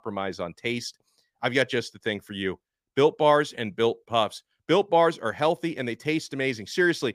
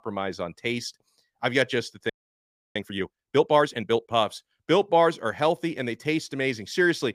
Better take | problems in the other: first | audio freezing; at 2 s for 0.5 s

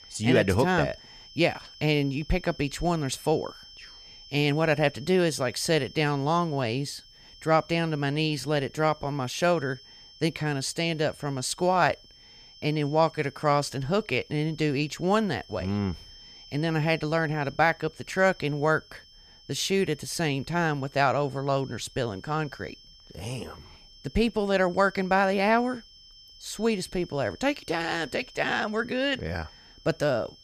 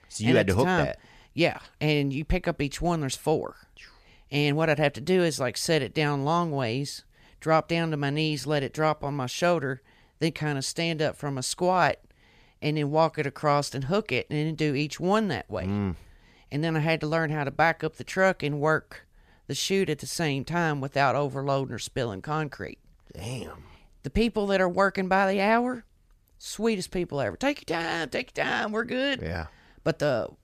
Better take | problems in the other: second | high-pitched whine; faint; throughout; 5.5 kHz, 20 dB below the speech

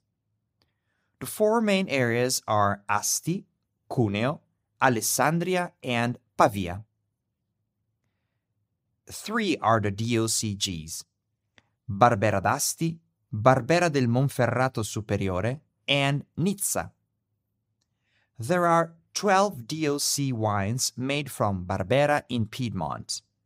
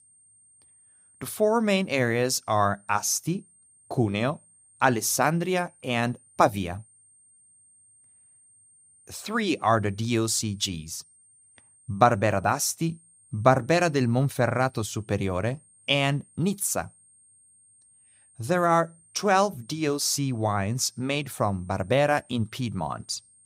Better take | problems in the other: first | high-pitched whine; faint; throughout; 8.5 kHz, 30 dB below the speech

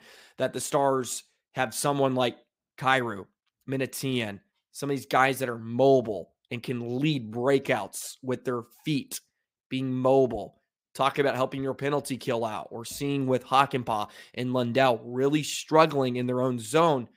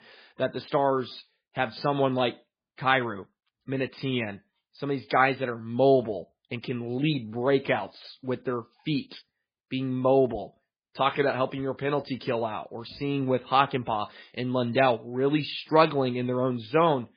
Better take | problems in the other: first | garbled, watery; badly

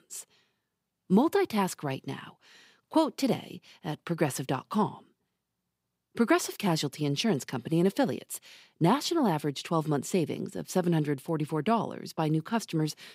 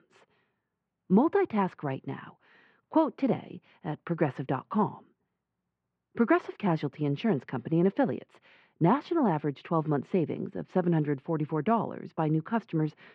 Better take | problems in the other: first | muffled; very; fading above 2 kHz

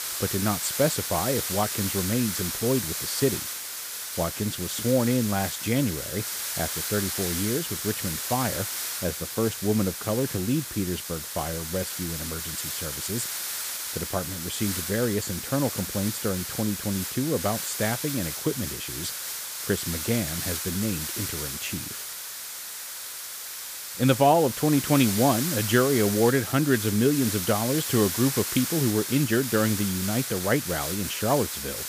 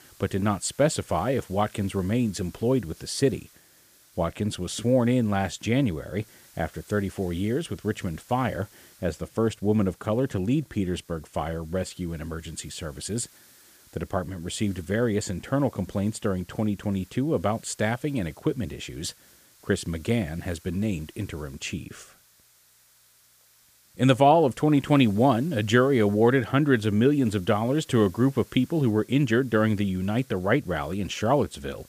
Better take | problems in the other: second | hiss; loud; throughout; 3 dB below the speech; faint in the second

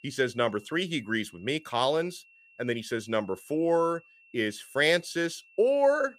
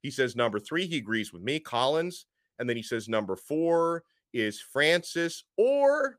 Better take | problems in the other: second | high-pitched whine; faint; throughout; 2.5 kHz, 30 dB below the speech

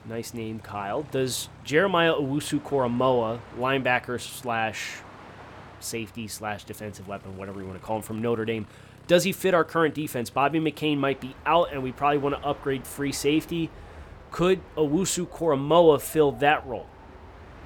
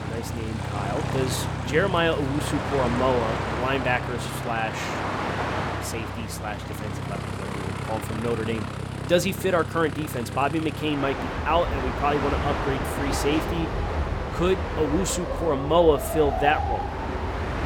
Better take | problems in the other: first | train or aircraft noise; loud; throughout; 3 dB below the speech; faint in the first

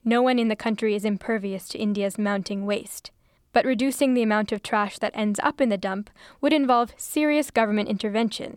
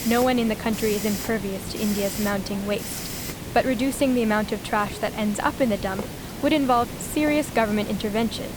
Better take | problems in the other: first | hiss; loud; throughout; 8 dB below the speech

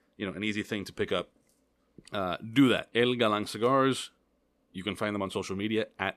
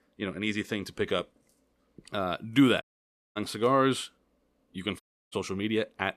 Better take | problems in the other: first | audio cutting out; at 3 s for 0.5 s and at 5 s

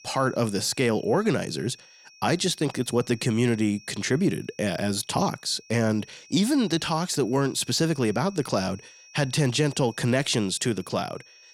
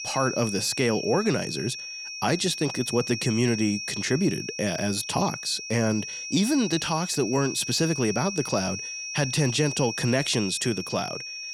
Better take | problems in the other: first | high-pitched whine; loud; throughout; 5.5 kHz, 6 dB below the speech; faint in the first

